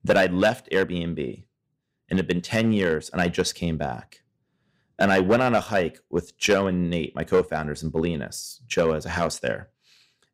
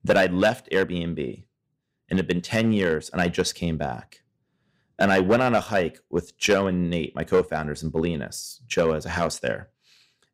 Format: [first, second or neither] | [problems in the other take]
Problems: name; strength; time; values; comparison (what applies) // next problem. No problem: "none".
neither | distortion; slight; 2% of the sound clipped; the same in both